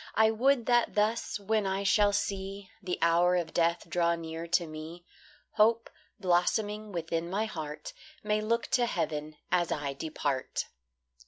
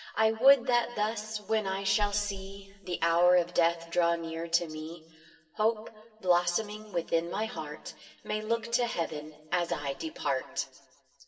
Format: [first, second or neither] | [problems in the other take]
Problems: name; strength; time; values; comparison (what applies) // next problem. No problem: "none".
first | room echo; dies away in 1.3 s